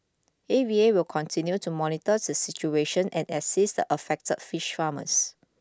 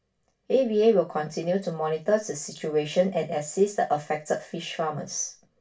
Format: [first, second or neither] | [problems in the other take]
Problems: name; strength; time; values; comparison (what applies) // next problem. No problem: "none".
first | room echo; dies away in 0.2 s